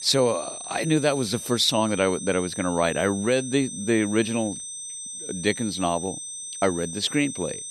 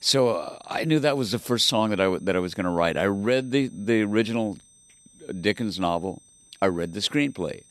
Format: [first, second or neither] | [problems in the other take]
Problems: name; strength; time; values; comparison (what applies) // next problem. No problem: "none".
second | high-pitched whine; loud; throughout; 8.5 kHz, 8 dB below the speech; faint in the second